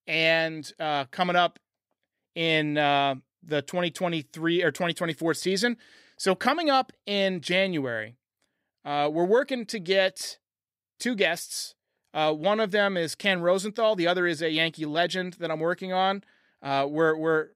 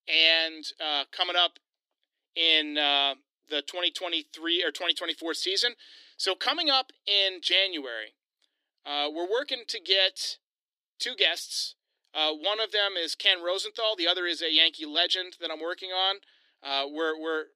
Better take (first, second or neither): first